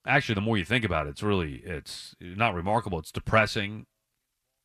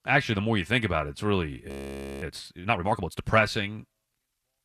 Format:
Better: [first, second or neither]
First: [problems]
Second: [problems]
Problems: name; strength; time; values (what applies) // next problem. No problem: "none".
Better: first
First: none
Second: audio freezing; at 1.5 s for 0.5 s